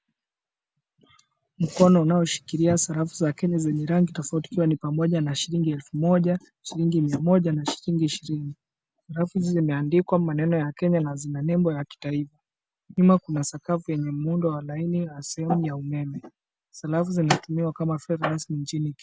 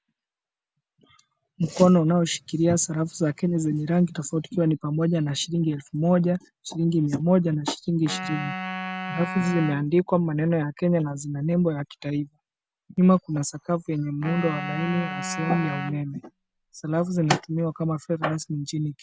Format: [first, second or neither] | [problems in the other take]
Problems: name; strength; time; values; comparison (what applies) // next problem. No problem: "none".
first | background sound (Wind instrument, woodwind instrument); 10 dB below the speech